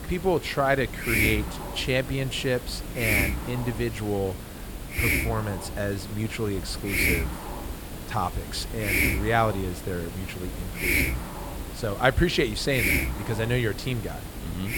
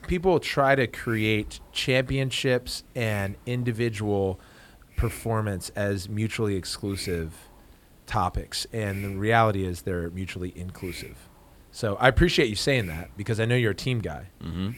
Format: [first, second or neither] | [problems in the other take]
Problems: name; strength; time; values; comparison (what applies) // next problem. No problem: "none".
second | hiss; loud; throughout; 1 dB below the speech; faint in the second